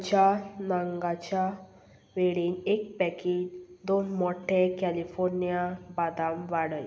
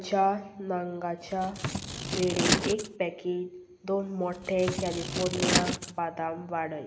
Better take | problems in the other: first | background sound (Scissors); as loud as the speech

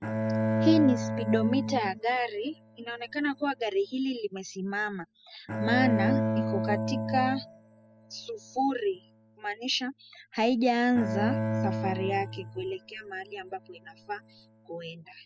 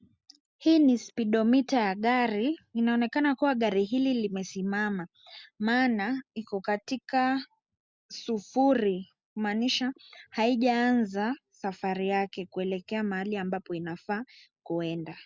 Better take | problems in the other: second | noise reduction (classical method spectral subtraction)

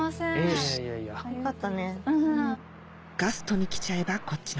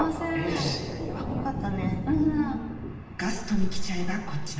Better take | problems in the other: first | background sound (Thunder); 6 dB below the speech // room echo; dies away in 1.2 s

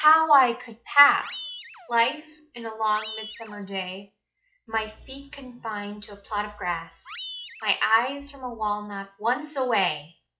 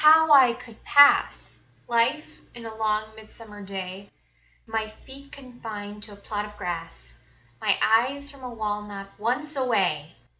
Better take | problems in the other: second | noise reduction (classical method log-MMSE)

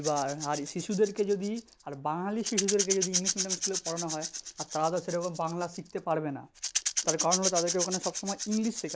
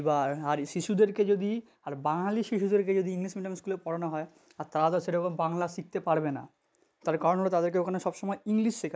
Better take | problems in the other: second | background sound (Rattle / Rattle (instrument)); 3 dB below the speech

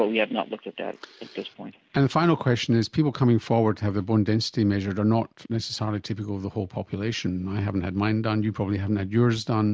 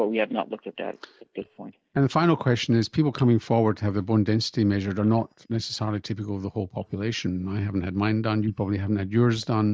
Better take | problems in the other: first | noise reduction (neural mask model DeepFilterNet 3)

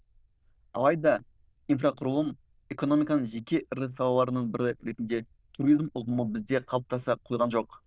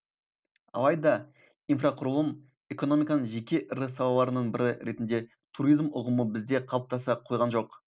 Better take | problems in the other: second | noise reduction (neural diffusion model UNIVERSE++)

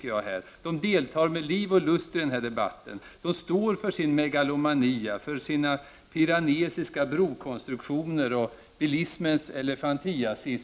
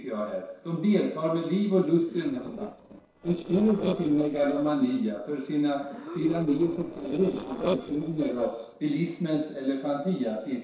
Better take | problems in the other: first | noise reduction (neural separator model SepFormer DNS4)

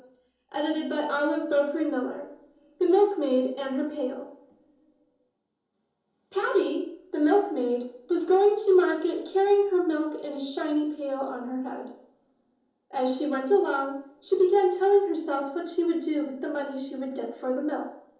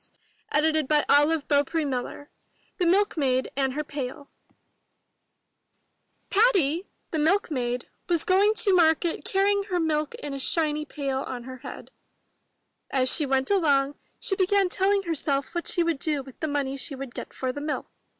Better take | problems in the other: second | room echo; dies away in 2.8 s

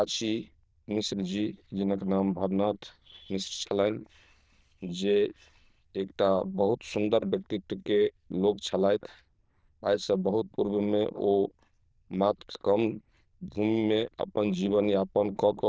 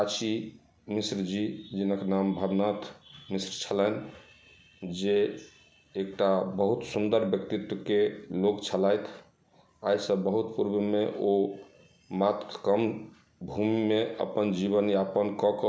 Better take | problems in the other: second | noise reduction (neural diffusion model UNIVERSE++)

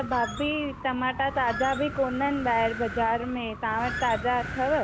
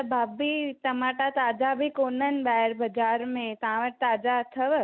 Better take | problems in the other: second | background sound (Squeak + Wind); 9 dB below the speech

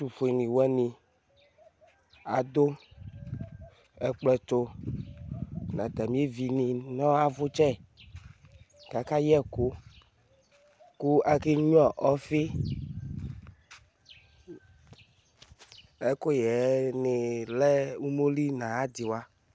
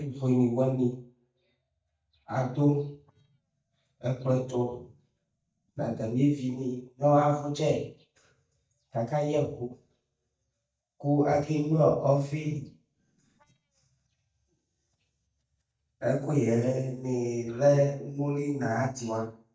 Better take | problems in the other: first | noise reduction (neural mask model DeepFilterNet 3)

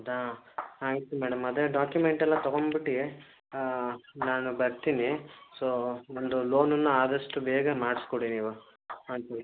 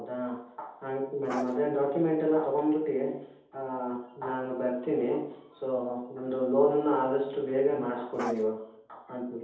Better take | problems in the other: first | background sound (Bark); 12 dB below the speech // room echo; dies away in 0.8 s

